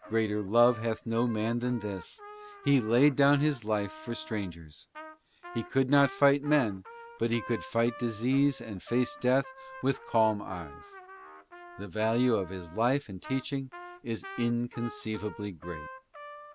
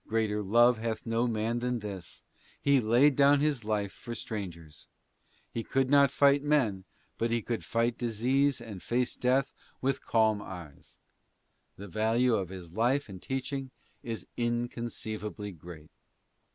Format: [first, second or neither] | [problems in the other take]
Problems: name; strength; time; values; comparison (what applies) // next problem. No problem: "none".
second | background sound (Trumpet); 17 dB below the speech